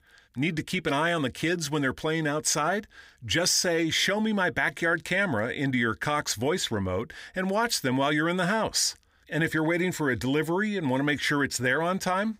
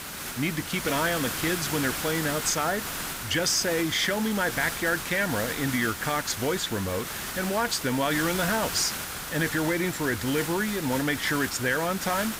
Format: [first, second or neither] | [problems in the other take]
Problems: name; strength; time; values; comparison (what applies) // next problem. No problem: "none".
first | hiss; loud; throughout; 5 dB below the speech